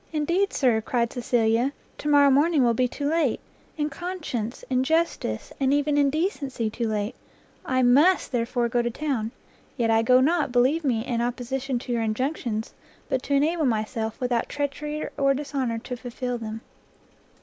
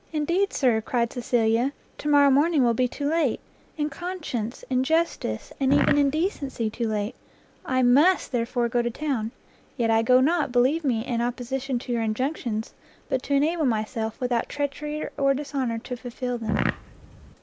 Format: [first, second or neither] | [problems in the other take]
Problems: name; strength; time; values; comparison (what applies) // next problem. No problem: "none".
first | background sound (Fart); 4 dB below the speech